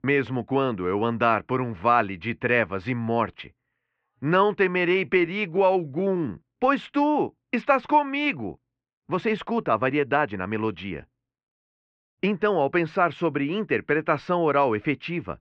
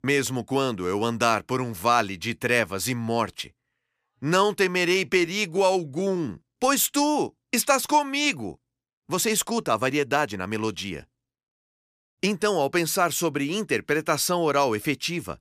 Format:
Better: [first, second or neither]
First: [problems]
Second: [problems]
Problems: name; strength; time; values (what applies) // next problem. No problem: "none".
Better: second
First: muffled; very; fading above 2.5 kHz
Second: none